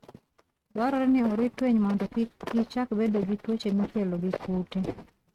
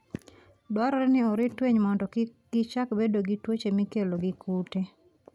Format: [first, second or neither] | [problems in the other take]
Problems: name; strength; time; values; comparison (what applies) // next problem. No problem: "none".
second | noise reduction (neural mask model RNNoise)